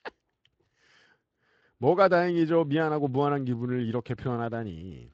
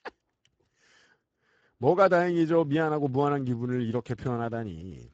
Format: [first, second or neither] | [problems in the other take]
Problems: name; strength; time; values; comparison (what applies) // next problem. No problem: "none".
first | garbled, watery; badly; nothing above 7.5 kHz; slightly in the first